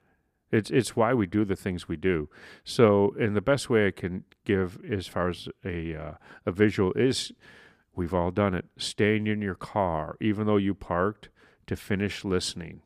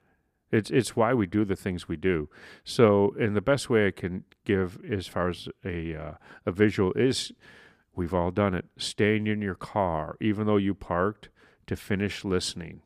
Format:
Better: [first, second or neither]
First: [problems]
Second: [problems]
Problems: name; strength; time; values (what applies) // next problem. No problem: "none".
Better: neither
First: none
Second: none